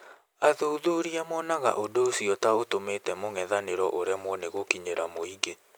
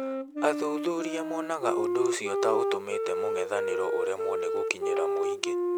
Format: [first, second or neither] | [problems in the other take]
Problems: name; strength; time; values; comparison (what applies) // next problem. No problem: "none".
first | background sound (Wind instrument, woodwind instrument); 2 dB above the speech